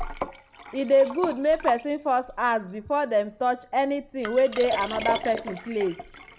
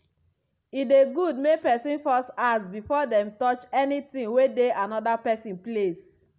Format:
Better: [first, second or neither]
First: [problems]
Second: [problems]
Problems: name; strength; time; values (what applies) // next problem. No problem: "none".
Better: second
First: background sound (Liquid); 11 dB below the speech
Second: none